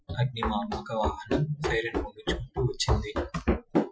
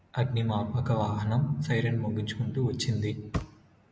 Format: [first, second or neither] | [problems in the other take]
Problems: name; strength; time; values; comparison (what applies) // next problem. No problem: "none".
second | noise reduction (classical method Wiener filter)